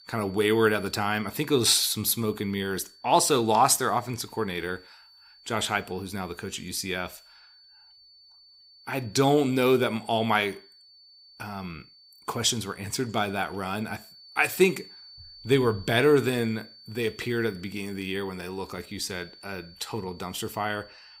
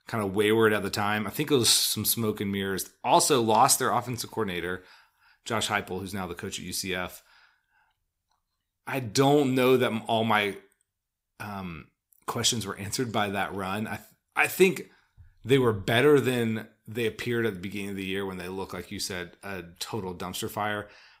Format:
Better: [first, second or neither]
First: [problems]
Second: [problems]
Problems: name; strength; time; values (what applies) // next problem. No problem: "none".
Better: second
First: high-pitched whine; faint; throughout; 4.5 kHz, 25 dB below the speech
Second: none